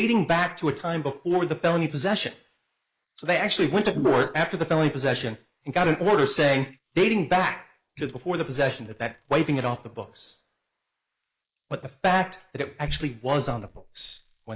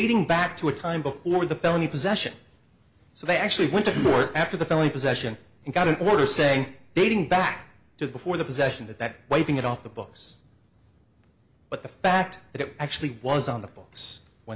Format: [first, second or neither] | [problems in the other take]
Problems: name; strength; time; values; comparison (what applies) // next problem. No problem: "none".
second | noise reduction (neural mask model Resemble Enhance denoiser)